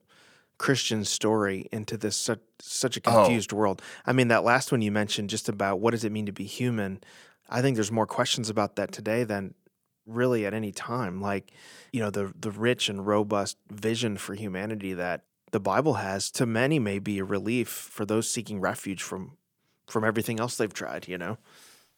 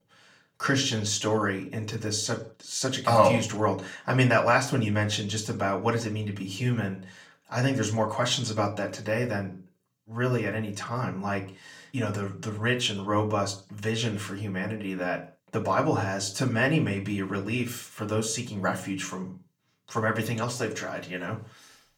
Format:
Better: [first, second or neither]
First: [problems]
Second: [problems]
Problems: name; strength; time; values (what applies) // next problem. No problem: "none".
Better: first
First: none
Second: room echo; very slight; dies away in 0.3 s // off-mic speech; far